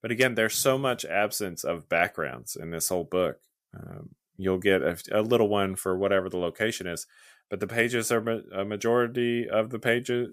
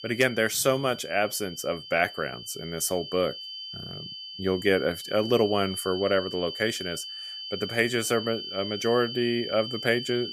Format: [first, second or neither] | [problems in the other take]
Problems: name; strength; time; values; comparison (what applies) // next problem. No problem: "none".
first | high-pitched whine; loud; throughout; 3 kHz, 9 dB below the speech